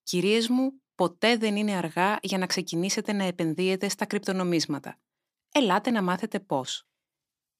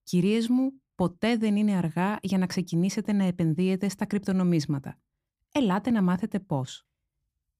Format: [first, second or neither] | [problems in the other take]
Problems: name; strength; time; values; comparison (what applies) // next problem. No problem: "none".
second | thin; somewhat; fading below 350 Hz